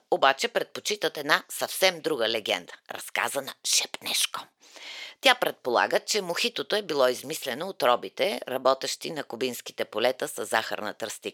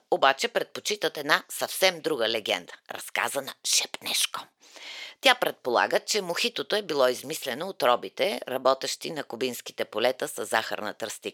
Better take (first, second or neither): neither